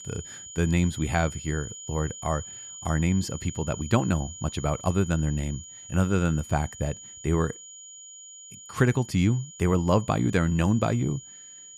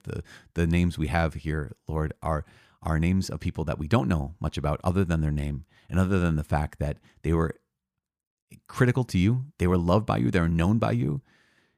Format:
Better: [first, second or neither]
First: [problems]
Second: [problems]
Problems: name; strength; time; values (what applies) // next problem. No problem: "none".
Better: second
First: high-pitched whine; noticeable; throughout; 7 kHz, 15 dB below the speech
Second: none